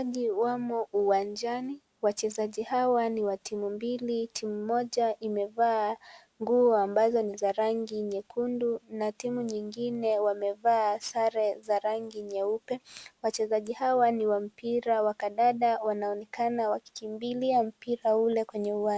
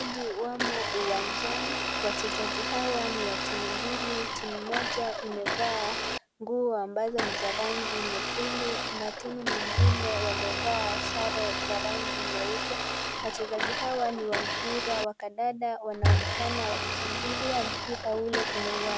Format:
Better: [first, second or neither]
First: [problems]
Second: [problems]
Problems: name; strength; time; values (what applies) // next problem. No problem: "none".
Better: first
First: none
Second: background sound (Bowed string instrument + Domestic sounds, home sounds); 3 dB above the speech